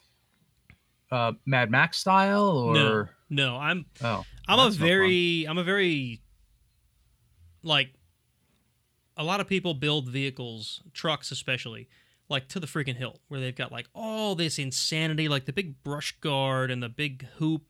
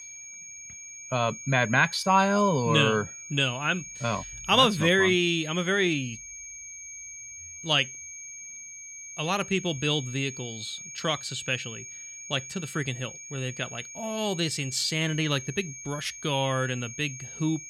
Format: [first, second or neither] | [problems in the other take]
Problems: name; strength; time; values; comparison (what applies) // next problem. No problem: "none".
first | high-pitched whine; noticeable; throughout; 6.5 kHz, 10 dB below the speech